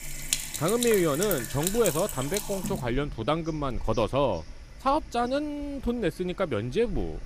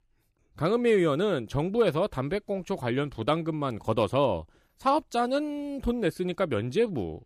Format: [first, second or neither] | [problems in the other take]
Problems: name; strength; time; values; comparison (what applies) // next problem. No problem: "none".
second | household noises; loud; throughout; 5 dB below the speech